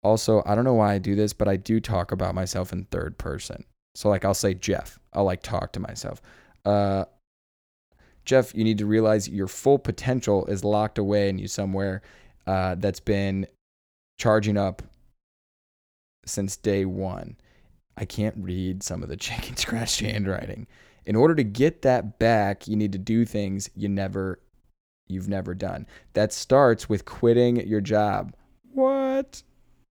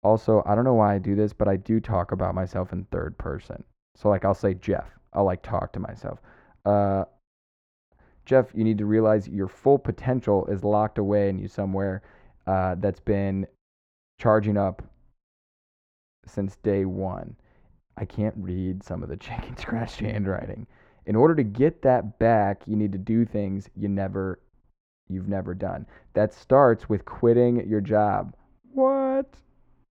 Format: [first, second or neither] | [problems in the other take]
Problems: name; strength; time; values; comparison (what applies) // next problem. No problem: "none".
first | muffled; very; fading above 3.5 kHz